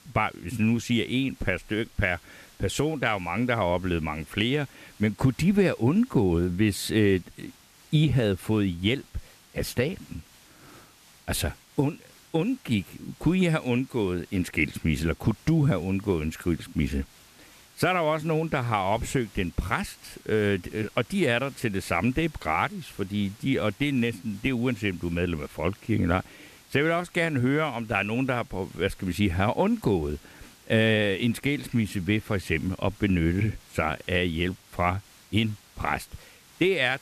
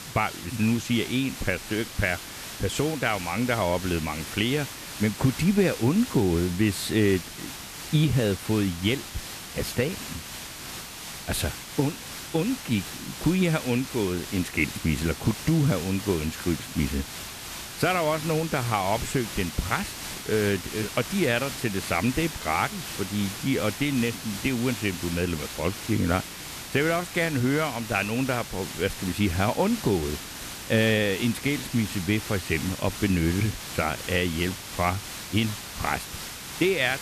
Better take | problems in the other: first | hiss; loud; throughout; 9 dB below the speech; faint in the first

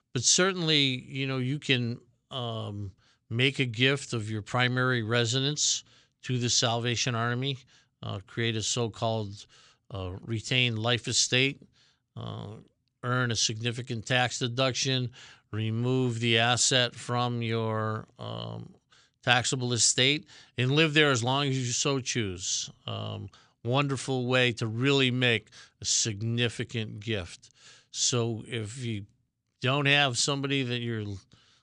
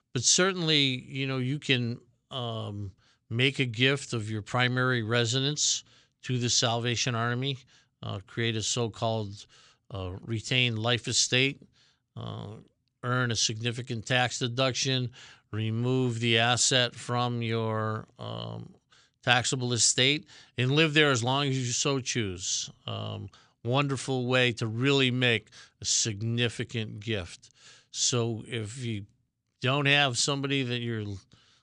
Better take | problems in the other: neither | none

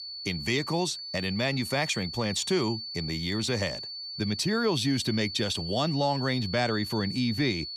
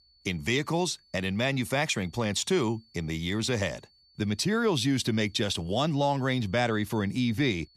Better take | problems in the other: second | high-pitched whine; loud; throughout; 4.5 kHz, 7 dB below the speech; faint in the second

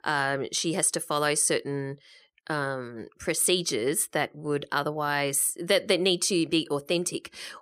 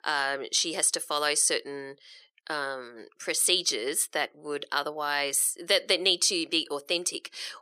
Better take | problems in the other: first | thin; somewhat; fading below 400 Hz

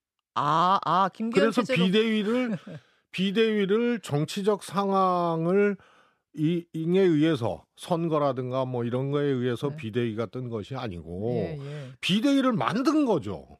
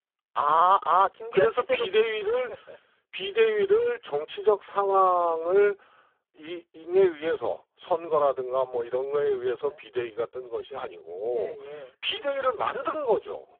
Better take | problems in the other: first | phone-call audio; poor line; nothing above 3.5 kHz

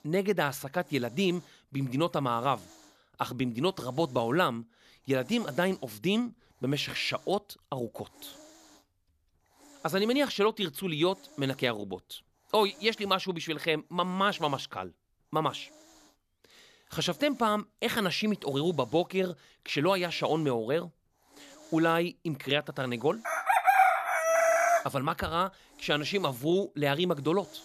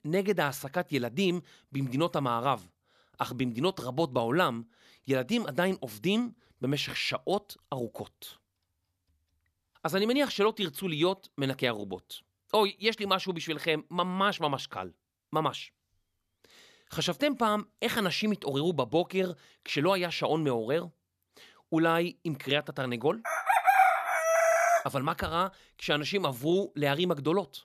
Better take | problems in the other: second | hiss; faint; throughout; 25 dB below the speech

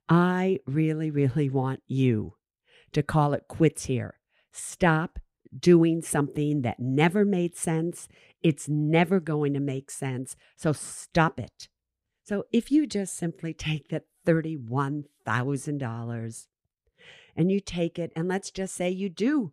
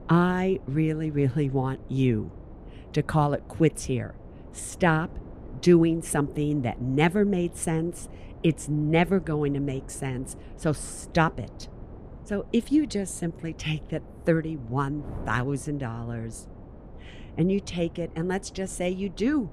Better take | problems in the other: first | wind noise on the microphone; occasional gusts; 20 dB below the speech

